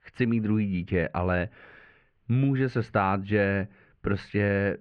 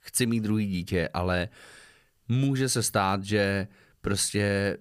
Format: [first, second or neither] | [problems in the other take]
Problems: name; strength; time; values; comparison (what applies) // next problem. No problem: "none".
second | muffled; very; fading above 2.5 kHz